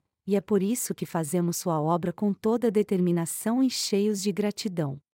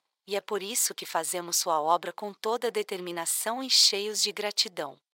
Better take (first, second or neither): first